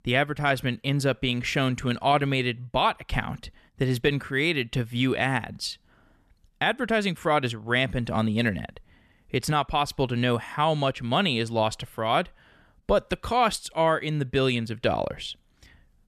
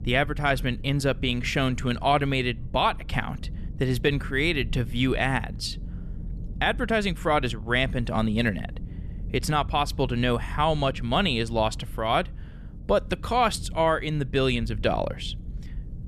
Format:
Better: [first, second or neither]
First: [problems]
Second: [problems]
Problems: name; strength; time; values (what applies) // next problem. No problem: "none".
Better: first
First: none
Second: low rumble; faint; throughout; 25 dB below the speech